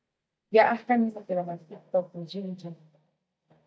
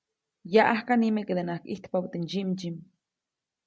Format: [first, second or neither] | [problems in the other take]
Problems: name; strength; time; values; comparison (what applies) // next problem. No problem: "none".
second | noise reduction (neural mask model DeepFilterNet 3)